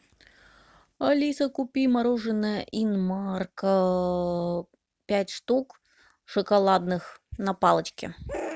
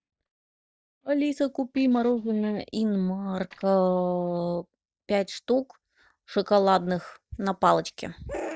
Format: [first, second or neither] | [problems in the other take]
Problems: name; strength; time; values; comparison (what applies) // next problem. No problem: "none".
first | noise reduction (neural mask model DeepFilterNet 3)